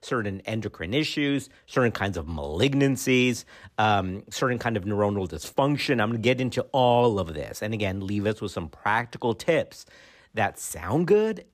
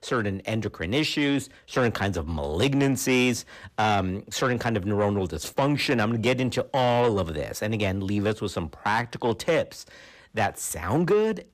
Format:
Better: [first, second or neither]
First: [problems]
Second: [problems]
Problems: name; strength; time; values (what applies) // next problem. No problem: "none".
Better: first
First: none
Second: distortion; slight; 10 dB below the speech